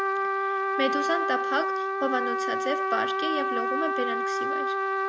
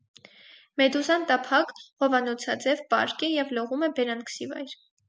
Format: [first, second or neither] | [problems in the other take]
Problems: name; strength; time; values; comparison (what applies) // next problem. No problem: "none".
second | background sound (Trumpet); 5 dB above the speech